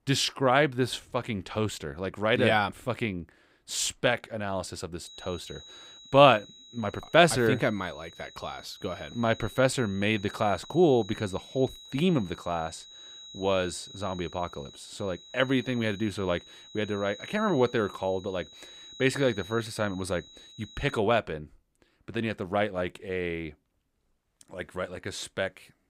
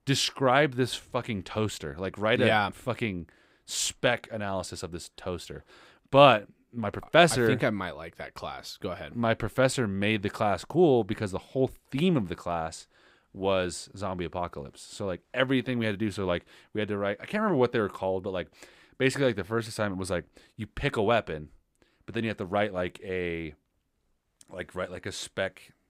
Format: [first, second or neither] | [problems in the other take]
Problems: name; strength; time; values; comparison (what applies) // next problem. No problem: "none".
second | high-pitched whine; noticeable; from 5 to 21 s; 4 kHz, 20 dB below the speech